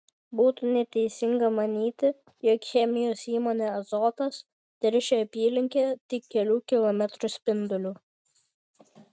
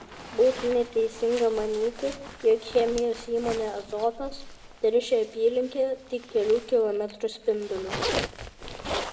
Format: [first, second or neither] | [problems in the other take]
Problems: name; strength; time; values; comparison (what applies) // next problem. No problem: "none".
first | background sound (Zipper (clothing)); 11 dB below the speech // room echo; dies away in 0.8 s